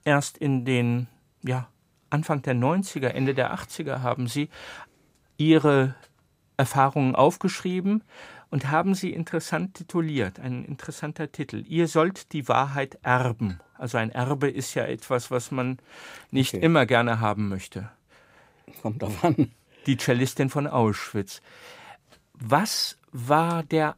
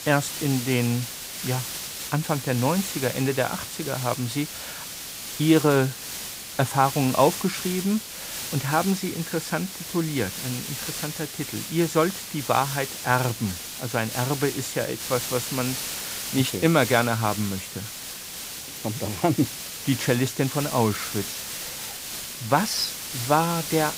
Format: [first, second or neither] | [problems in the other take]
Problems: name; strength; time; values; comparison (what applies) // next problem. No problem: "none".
first | hiss; loud; throughout; 6 dB below the speech